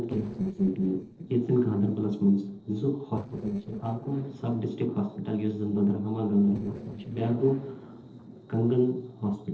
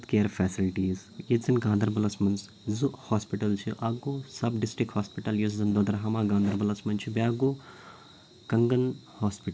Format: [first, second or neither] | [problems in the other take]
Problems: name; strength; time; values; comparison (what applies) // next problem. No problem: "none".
second | noise reduction (neural separator model SepFormer DNS4)